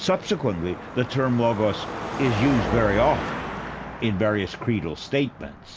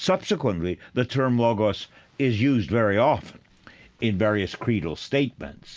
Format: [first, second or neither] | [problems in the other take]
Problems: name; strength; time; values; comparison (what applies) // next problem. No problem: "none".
second | background sound (Car passing by / Traffic noise, roadway noise / Engine); 8 dB below the speech